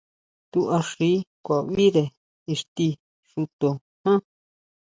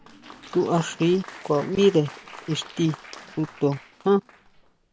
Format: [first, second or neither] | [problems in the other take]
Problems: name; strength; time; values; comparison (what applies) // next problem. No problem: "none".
first | background sound (Applause); 18 dB below the speech